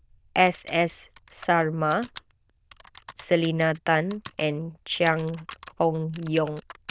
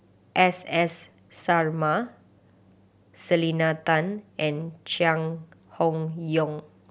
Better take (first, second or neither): second